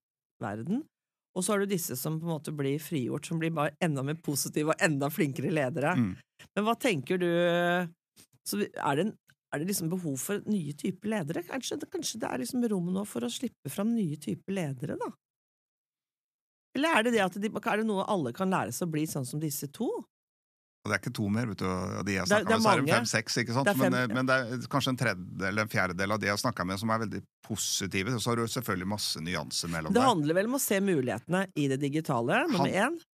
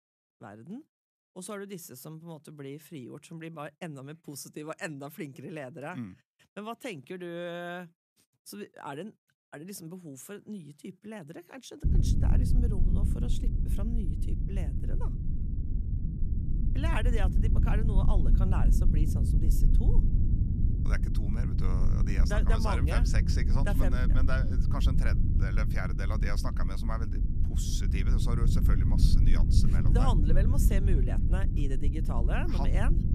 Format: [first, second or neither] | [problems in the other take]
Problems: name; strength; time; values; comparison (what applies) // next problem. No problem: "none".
first | low rumble; loud; from 12 s on; 3 dB below the speech